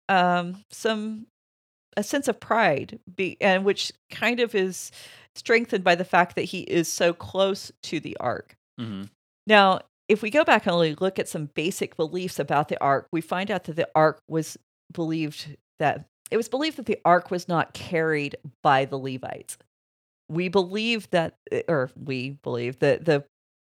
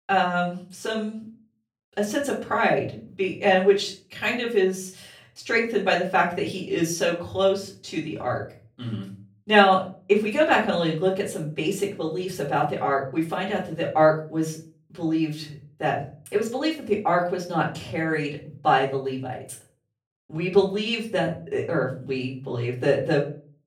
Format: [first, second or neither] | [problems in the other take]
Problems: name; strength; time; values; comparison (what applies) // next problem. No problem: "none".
first | off-mic speech; far // room echo; slight; dies away in 0.4 s